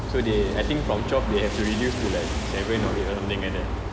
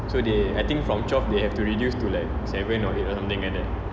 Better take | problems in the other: second | background sound (Rain); 12 dB below the speech

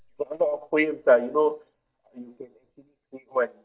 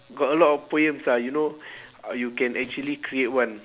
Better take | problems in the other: second | noise reduction (neural mask model DeepFilterNet 3)

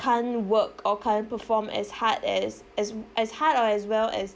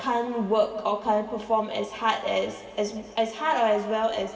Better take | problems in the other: first | room echo; dies away in 2.3 s

